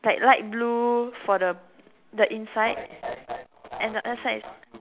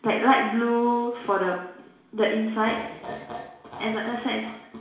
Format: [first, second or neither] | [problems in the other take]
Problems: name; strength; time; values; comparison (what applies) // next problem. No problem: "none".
first | room echo; dies away in 0.7 s